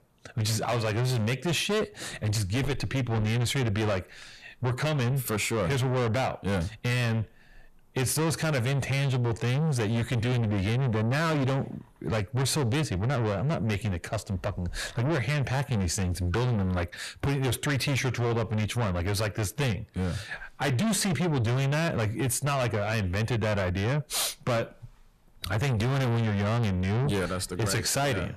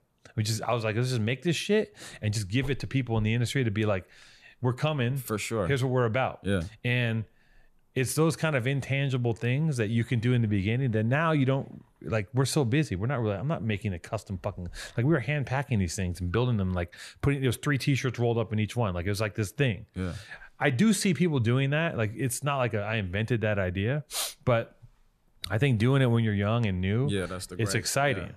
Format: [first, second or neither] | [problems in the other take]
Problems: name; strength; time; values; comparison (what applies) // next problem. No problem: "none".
second | distortion; heavy; 6 dB below the speech